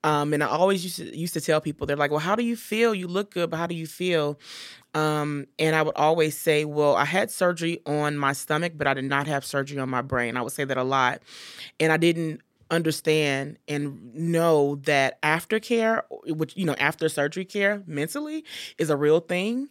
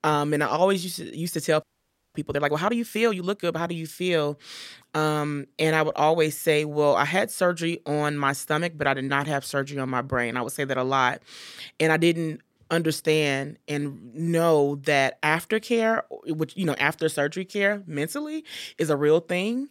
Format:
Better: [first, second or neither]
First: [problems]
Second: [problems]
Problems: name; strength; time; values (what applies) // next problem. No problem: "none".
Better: first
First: none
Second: audio freezing; at 1.5 s for 0.5 s